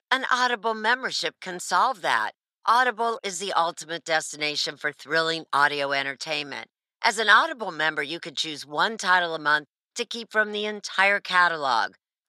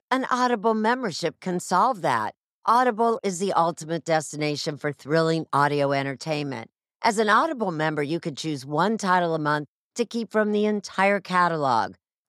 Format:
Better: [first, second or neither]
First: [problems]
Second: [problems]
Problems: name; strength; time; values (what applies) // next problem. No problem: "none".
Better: second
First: thin; somewhat; fading below 850 Hz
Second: none